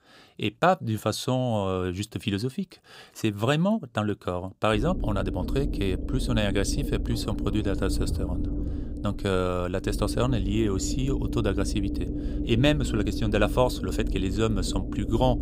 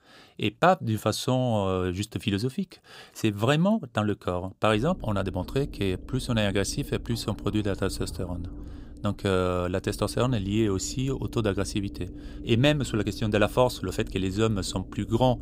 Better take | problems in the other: second | low rumble; loud; from 4.5 s on; 10 dB below the speech; faint in the second

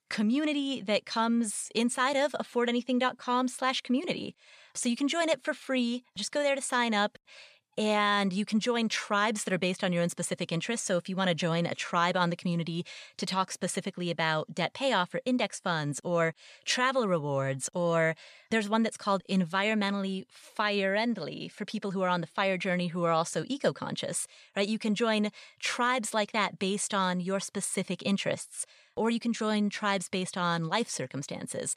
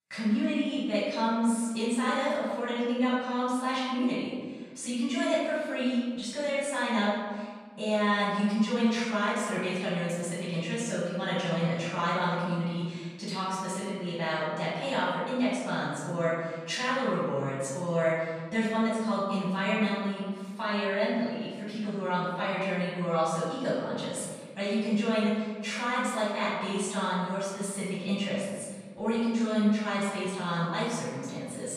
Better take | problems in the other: first | room echo; strong; dies away in 1.5 s // off-mic speech; far

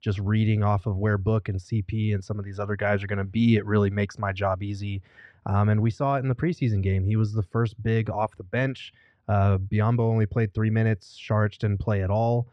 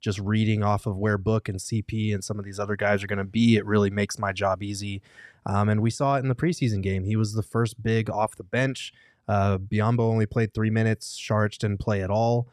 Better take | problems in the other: second | muffled; slightly; fading above 3 kHz

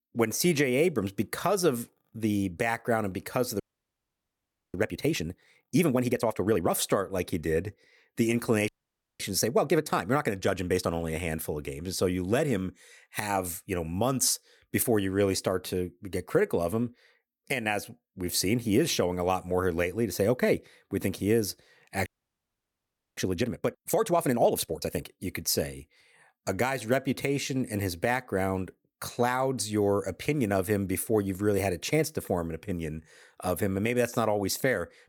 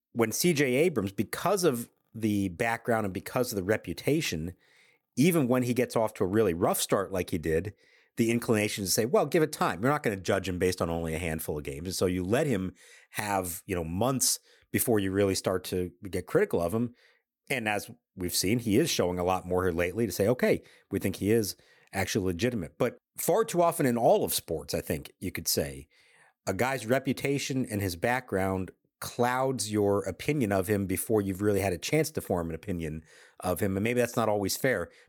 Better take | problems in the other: second | audio freezing; at 3.5 s for 1 s, at 8.5 s for 0.5 s and at 22 s for 1 s

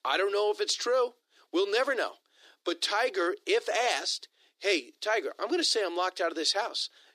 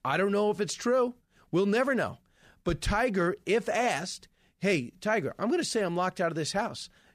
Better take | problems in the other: second | thin; very; fading below 300 Hz

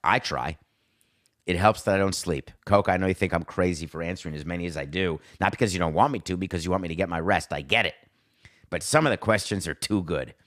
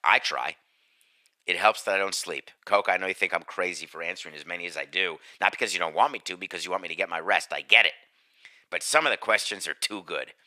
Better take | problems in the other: first | thin; very; fading below 600 Hz

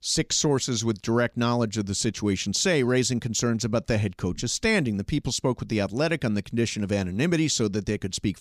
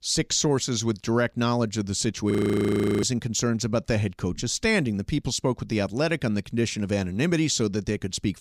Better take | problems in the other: first | audio freezing; at 2.5 s for 0.5 s

